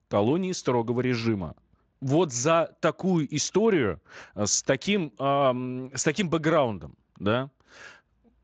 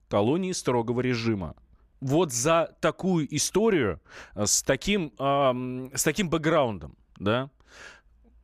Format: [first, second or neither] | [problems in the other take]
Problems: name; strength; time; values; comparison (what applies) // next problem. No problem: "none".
second | garbled, watery; slightly